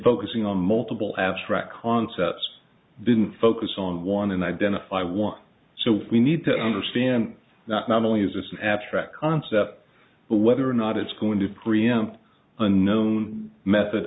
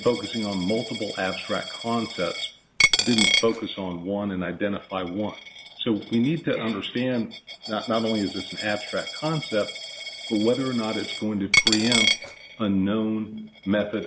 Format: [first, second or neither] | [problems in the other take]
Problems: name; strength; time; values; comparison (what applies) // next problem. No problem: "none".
first | background sound (Coin (dropping)); 3 dB below the speech